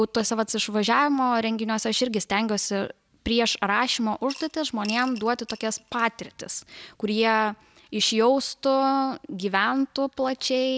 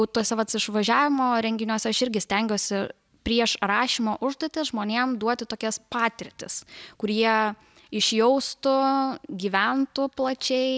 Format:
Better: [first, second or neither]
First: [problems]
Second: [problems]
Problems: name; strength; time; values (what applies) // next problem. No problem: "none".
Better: second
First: background sound (Coin (dropping) / Glass); 18 dB below the speech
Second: none